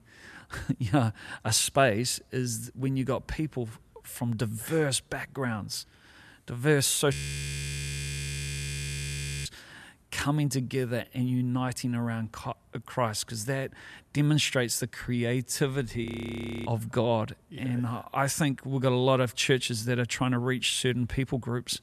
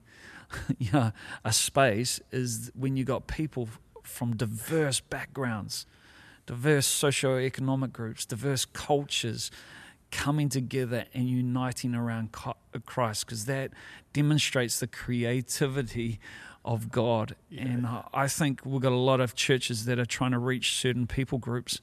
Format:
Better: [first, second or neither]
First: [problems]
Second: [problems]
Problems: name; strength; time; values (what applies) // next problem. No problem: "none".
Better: second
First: audio freezing; at 7 s for 2.5 s and at 16 s for 0.5 s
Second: none